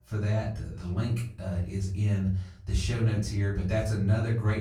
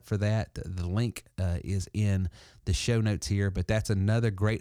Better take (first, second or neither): second